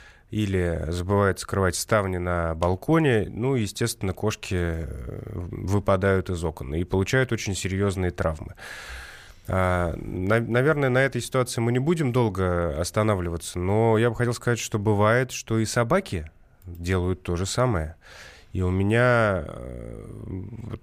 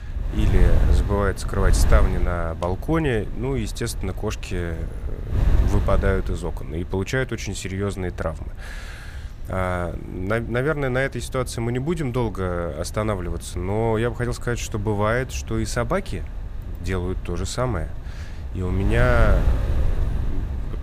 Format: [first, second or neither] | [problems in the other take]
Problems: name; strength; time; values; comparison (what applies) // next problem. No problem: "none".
first | wind noise on the microphone; occasional gusts; 15 dB below the speech